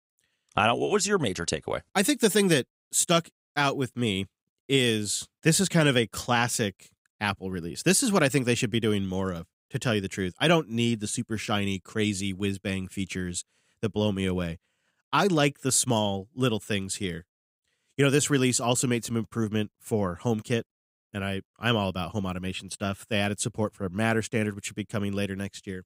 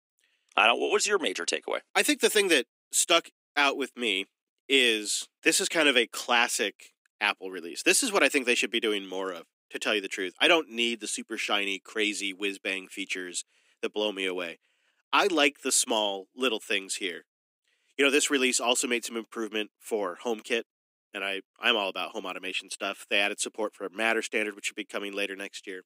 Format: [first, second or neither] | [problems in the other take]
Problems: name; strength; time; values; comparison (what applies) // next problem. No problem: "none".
first | thin; somewhat; fading below 250 Hz